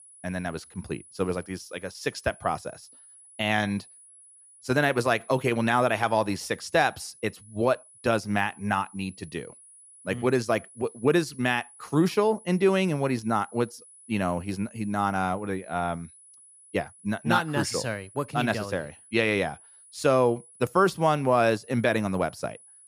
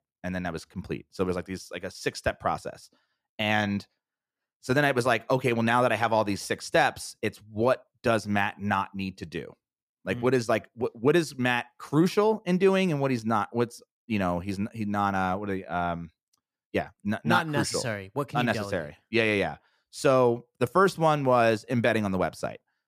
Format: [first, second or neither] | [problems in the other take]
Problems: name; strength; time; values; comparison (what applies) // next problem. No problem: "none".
second | high-pitched whine; faint; throughout; 10 kHz, 25 dB below the speech